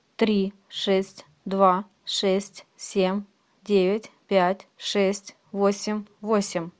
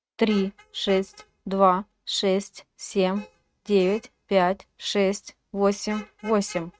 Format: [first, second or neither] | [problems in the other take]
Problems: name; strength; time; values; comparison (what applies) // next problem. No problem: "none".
first | noise reduction (neural mask model RNNoise)